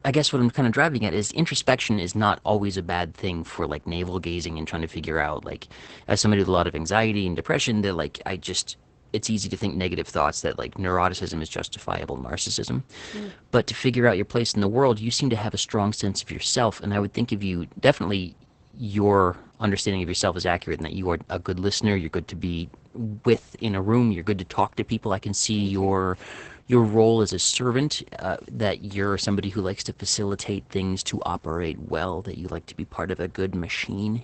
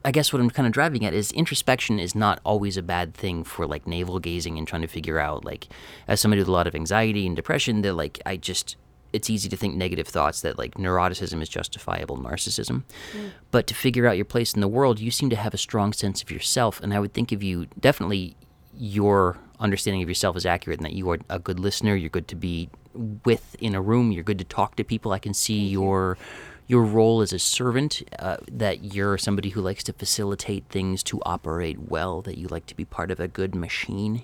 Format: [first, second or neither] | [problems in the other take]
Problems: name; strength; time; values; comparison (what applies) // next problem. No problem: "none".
second | garbled, watery; badly; nothing above 8 kHz